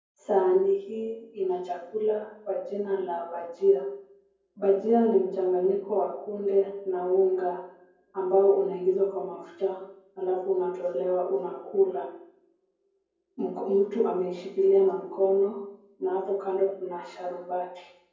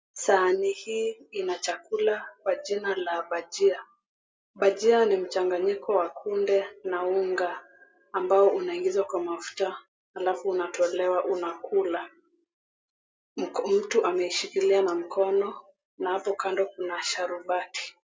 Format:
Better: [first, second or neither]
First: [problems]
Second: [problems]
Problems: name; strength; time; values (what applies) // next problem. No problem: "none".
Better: second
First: room echo; dies away in 0.9 s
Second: none